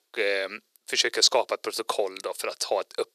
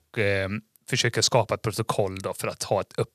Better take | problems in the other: second | thin; very; fading below 350 Hz

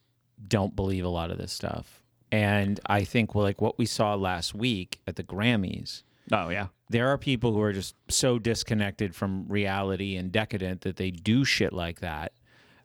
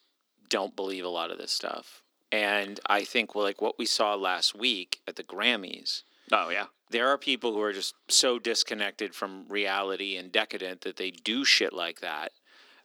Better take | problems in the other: first | thin; somewhat; fading below 300 Hz

